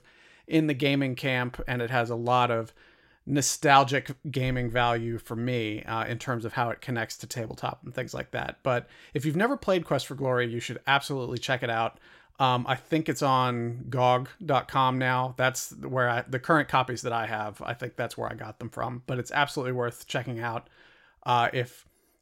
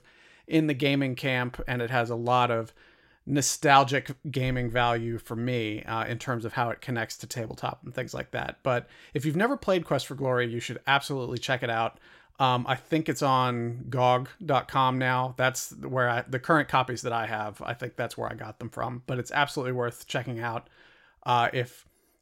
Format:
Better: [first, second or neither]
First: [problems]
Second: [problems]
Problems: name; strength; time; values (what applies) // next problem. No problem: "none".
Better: neither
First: none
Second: none